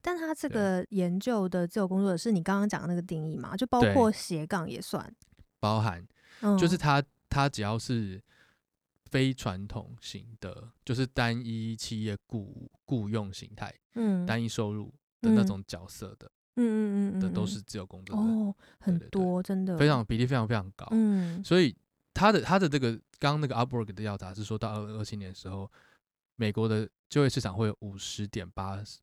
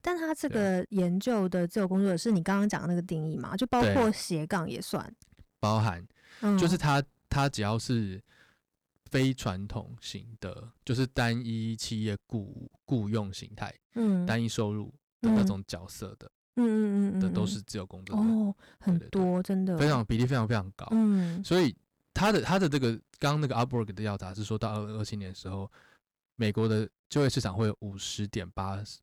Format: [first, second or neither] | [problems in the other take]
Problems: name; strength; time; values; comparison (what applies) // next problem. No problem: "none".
first | distortion; slight; 4% of the sound clipped